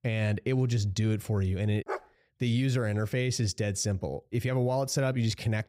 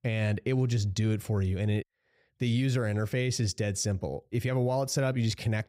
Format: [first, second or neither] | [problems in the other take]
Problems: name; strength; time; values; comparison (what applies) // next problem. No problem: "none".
second | dog barking; noticeable; at 2 s; peak 9 dB below the speech